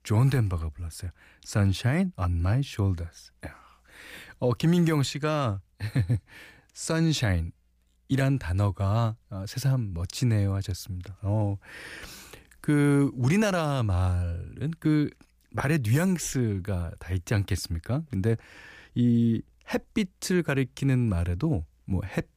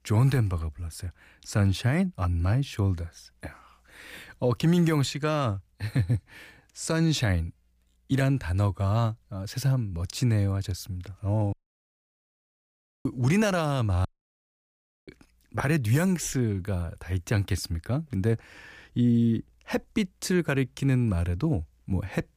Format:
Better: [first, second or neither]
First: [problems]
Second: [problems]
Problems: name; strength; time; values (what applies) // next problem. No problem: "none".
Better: first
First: none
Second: audio cutting out; at 12 s for 1.5 s and at 14 s for 1 s